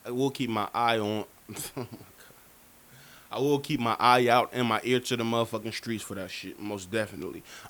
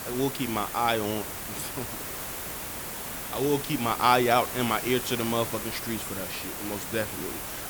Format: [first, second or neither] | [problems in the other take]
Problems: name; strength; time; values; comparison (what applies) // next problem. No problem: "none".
first | hiss; loud; throughout; 5 dB below the speech; faint in the first